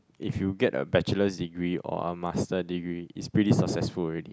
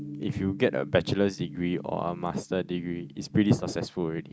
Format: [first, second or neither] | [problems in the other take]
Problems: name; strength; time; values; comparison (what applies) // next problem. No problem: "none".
first | noise reduction (neural mask model RNNoise)